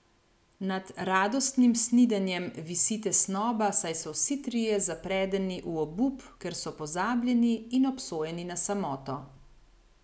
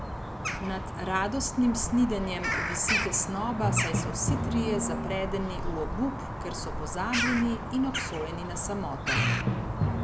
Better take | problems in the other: first | background sound (Bird vocalization, bird call, bird song + Drum); as loud as the speech

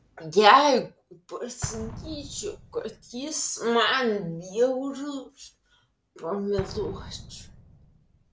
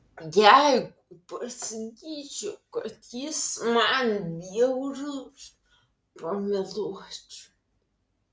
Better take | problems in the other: second | background sound (Explosion); 17 dB below the speech

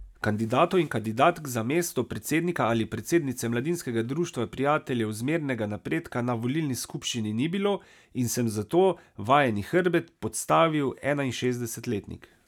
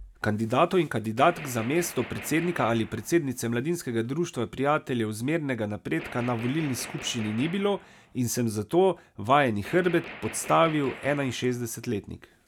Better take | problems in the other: first | background sound (Gunshot, gunfire); 16 dB below the speech

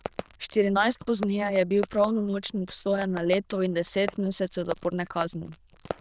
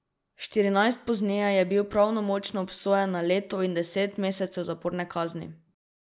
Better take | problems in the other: second | noise reduction (neural diffusion model UNIVERSE++)

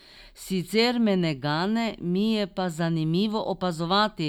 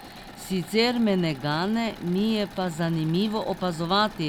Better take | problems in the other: first | background sound (Engine / Mechanisms); 17 dB below the speech

